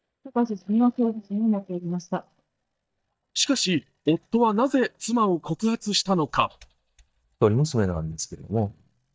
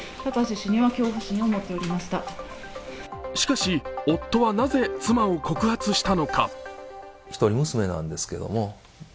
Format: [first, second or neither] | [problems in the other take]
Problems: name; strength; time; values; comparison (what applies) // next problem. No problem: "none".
second | noise reduction (neural mask model DeepFilterNet 3)